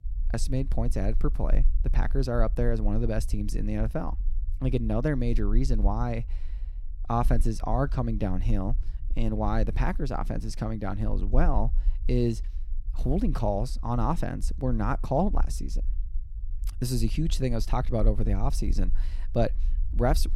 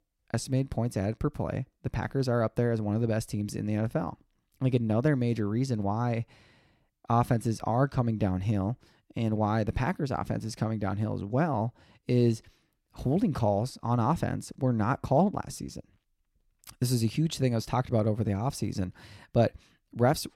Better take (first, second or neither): second